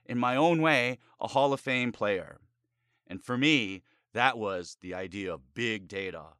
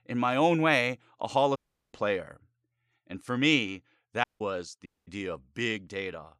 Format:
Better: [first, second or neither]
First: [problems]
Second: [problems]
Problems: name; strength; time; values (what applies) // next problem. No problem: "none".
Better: first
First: none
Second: audio cutting out; at 1.5 s, at 4 s and at 5 s